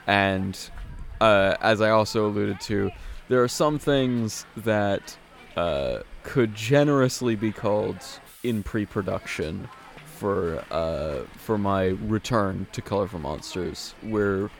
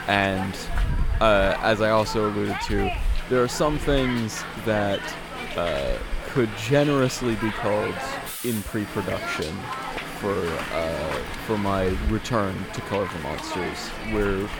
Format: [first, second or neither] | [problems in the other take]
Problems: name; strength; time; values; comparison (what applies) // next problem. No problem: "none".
first | hiss; loud; throughout; 6 dB below the speech; faint in the first